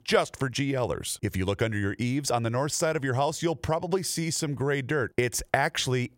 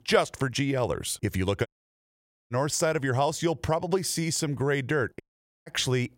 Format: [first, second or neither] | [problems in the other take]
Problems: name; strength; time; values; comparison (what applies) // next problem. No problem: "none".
first | audio cutting out; at 1.5 s for 1 s and at 5 s